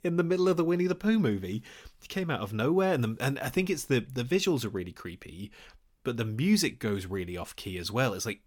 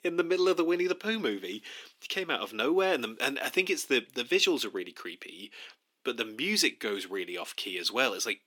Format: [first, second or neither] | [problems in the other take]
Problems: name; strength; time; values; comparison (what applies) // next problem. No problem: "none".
first | thin; somewhat; fading below 300 Hz